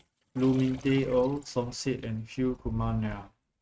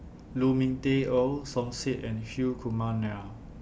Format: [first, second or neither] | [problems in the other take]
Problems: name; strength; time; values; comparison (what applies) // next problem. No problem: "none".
second | noise reduction (neural mask model RNNoise)